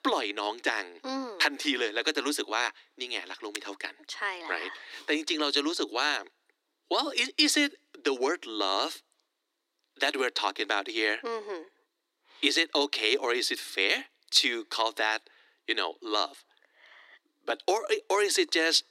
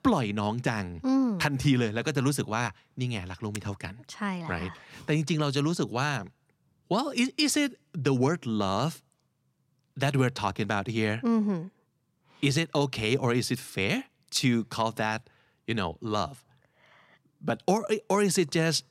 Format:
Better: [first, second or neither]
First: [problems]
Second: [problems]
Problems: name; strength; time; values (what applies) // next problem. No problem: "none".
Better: second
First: thin; somewhat; fading below 300 Hz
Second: none